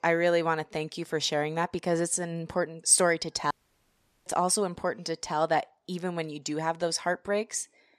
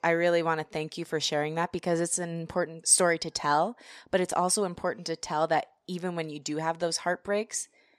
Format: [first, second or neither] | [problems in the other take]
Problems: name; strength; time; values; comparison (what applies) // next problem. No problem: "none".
second | audio cutting out; at 3.5 s for 1 s